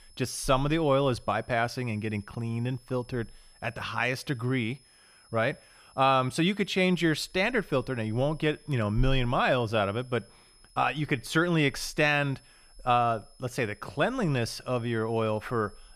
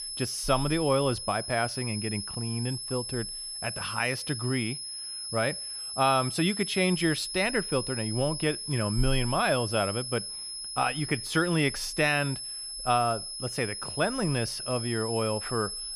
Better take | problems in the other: first | high-pitched whine; loud; throughout; 5 kHz, 5 dB below the speech; faint in the first

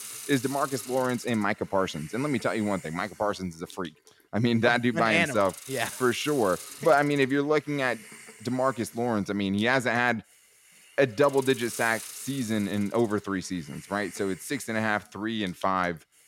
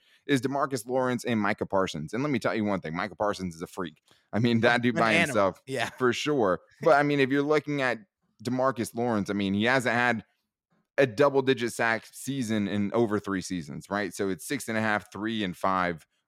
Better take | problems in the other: second | hiss; noticeable; throughout; 15 dB below the speech

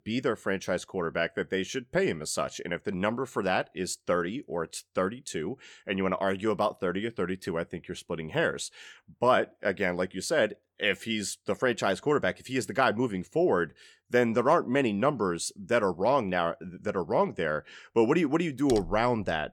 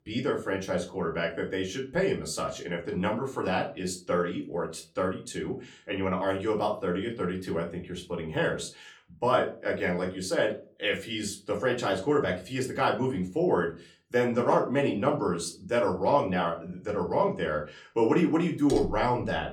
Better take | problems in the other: first | off-mic speech; far // room echo; very slight; dies away in 0.3 s

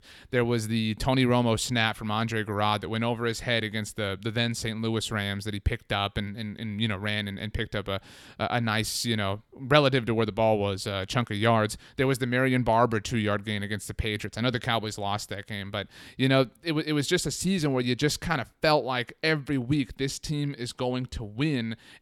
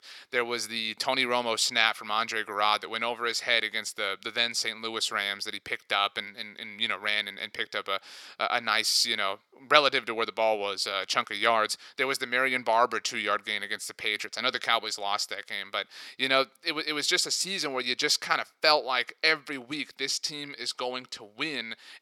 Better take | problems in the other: first | thin; very; fading below 500 Hz

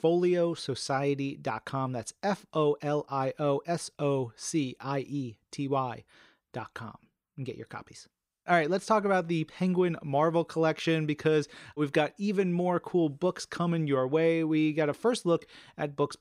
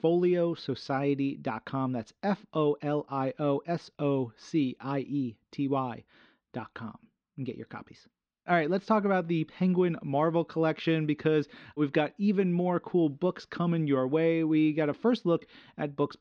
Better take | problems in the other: first | muffled; very slightly; fading above 4.5 kHz

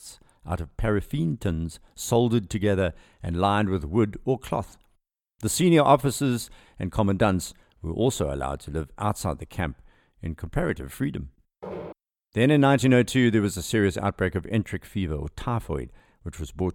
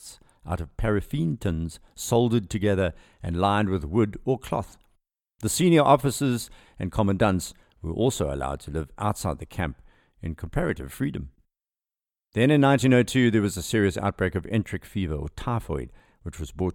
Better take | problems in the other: second | footsteps; faint; at 12 s; peak 10 dB below the speech

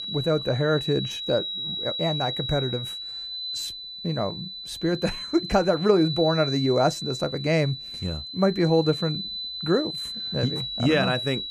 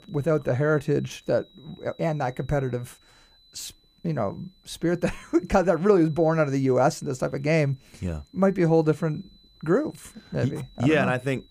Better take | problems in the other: second | high-pitched whine; loud; throughout; 4 kHz, 6 dB below the speech; faint in the second

